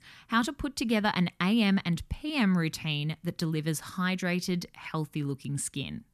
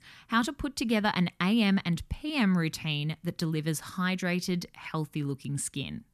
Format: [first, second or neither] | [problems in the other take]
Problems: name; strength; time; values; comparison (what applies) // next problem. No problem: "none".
neither | none